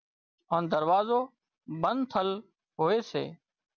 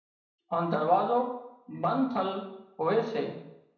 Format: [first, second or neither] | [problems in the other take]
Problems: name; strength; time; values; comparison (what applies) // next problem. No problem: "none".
first | room echo; dies away in 0.8 s